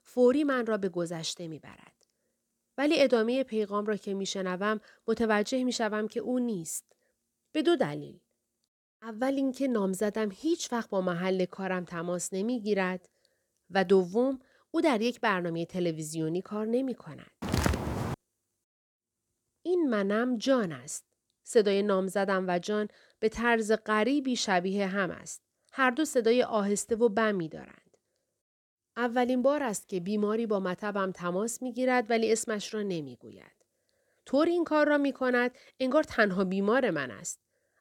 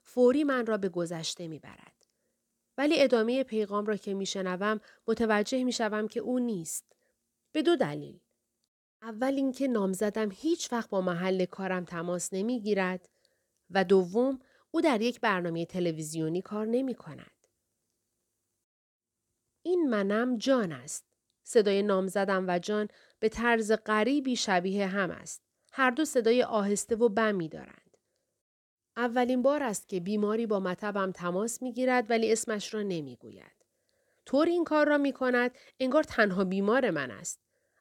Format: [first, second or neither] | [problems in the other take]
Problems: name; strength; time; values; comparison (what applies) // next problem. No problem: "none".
second | footsteps; noticeable; at 17 s; peak level with the speech